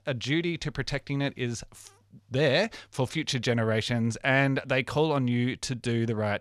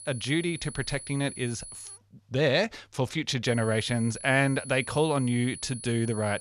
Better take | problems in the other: first | high-pitched whine; noticeable; until 2 s and from 3.5 s on; 10 kHz, 15 dB below the speech

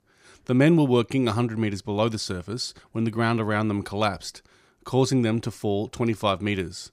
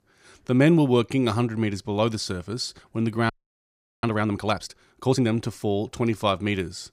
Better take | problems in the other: first | audio freezing; at 3.5 s for 0.5 s

